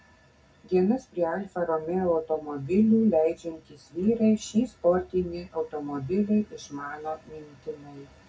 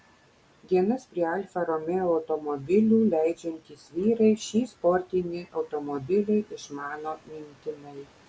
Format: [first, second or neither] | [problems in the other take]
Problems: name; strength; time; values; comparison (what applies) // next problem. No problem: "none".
second | room echo; dies away in 0.4 s